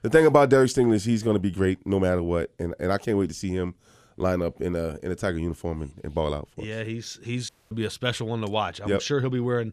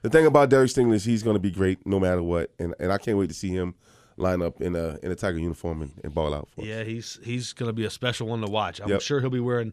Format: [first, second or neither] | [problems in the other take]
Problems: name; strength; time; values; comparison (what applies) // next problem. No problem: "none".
second | audio cutting out; at 7.5 s